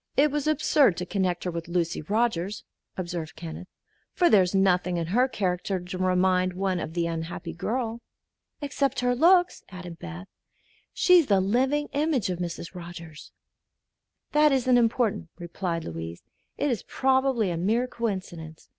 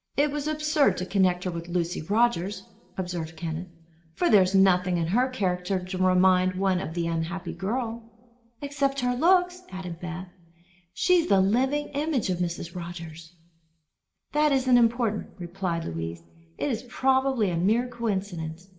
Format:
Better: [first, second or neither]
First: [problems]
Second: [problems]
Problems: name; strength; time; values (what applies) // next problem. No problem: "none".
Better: first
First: none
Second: room echo; dies away in 0.8 s